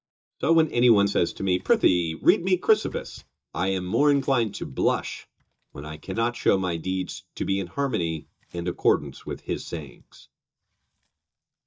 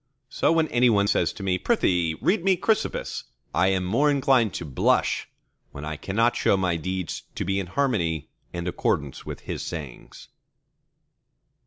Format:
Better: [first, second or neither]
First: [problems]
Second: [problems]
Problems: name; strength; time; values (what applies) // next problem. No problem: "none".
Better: second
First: noise reduction (neural mask model DeepFilterNet 3)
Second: none